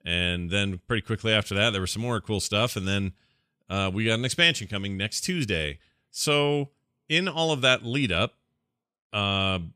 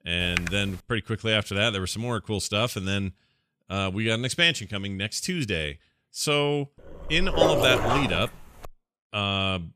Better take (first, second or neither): first